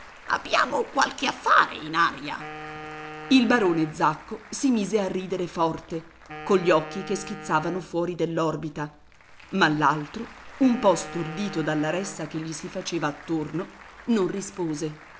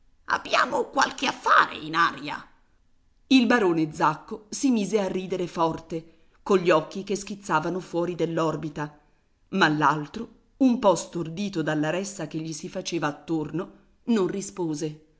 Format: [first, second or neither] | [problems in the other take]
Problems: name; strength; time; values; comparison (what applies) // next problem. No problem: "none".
second | background sound (Wind instrument, woodwind instrument + Applause); 16 dB below the speech